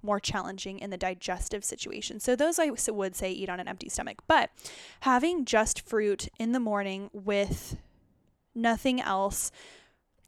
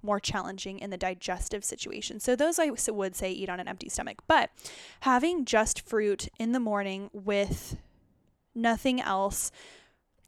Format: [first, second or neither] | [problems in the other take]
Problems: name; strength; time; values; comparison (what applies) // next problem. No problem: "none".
neither | none